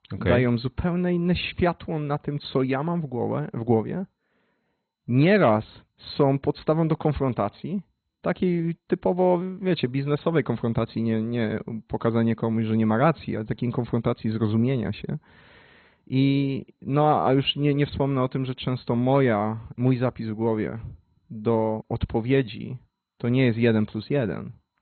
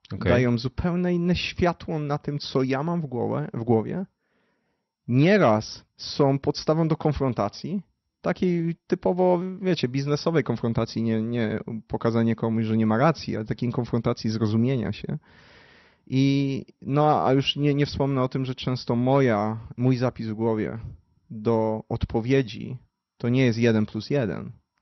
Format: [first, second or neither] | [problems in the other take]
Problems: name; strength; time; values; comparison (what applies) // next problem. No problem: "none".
second | garbled, watery; badly; nothing above 4 kHz; slightly in the second